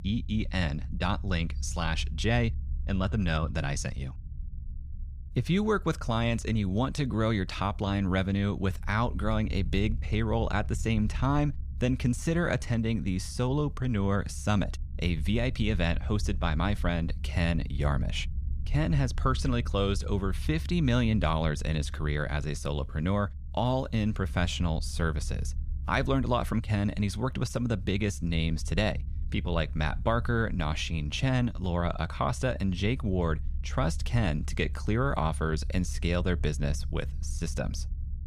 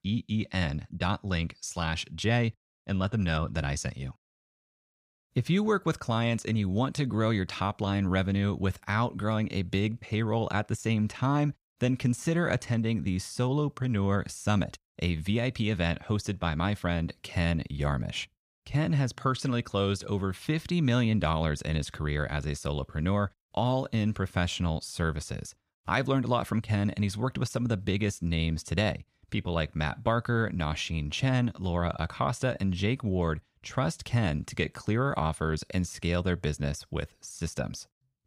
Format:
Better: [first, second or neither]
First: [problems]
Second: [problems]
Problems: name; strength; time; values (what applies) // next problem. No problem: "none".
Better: second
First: low rumble; faint; throughout; 25 dB below the speech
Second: none